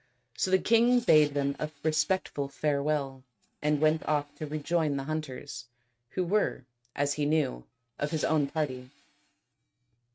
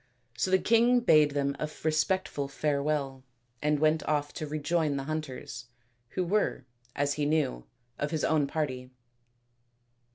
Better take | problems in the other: second | noise reduction (neural mask model RNNoise)

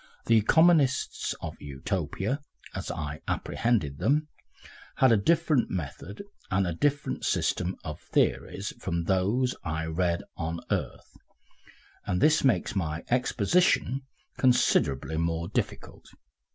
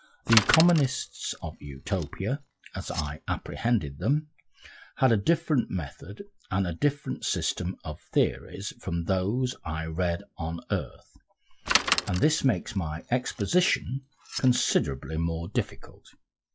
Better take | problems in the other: first | noise reduction (classical method log-MMSE)

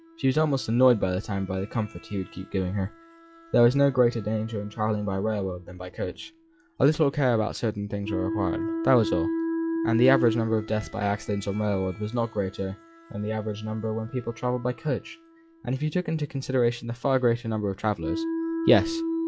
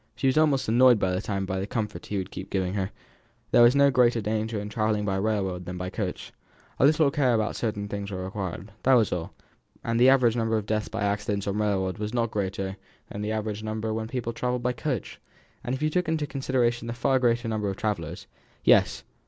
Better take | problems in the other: second | noise reduction (classical method log-MMSE)

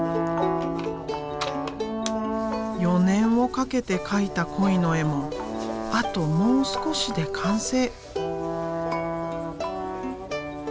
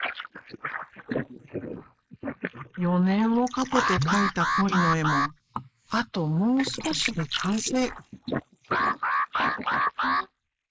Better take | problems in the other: first | noise reduction (neural mask model Resemble Enhance denoiser)

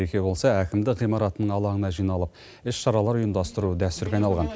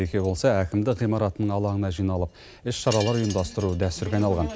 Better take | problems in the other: first | background sound (Wind chime); 19 dB below the speech

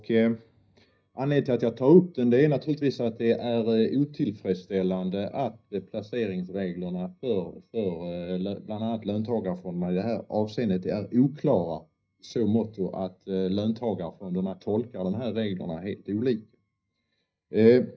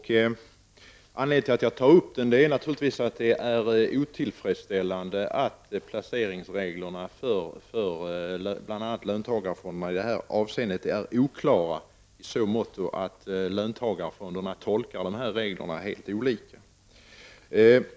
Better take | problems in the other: second | noise reduction (neural mask model DeepFilterNet 3)

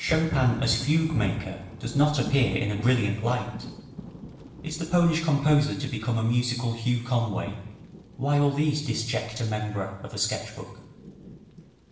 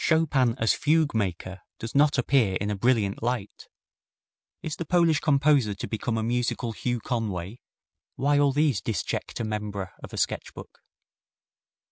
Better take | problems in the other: second | background sound (Thunder / Rain); 13 dB below the speech // room echo; dies away in 0.8 s

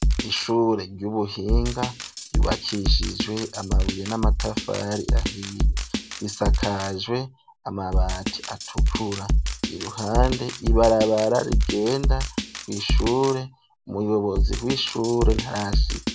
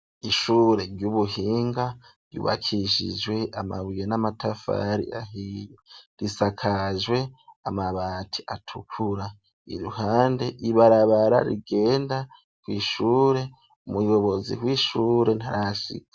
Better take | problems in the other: second | background sound (Drum kit); 2 dB above the speech

